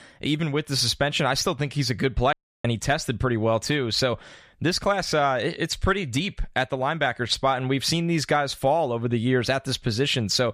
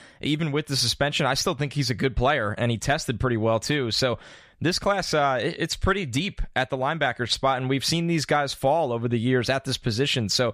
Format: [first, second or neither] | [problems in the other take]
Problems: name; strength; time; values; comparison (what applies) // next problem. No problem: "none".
second | audio cutting out; at 2.5 s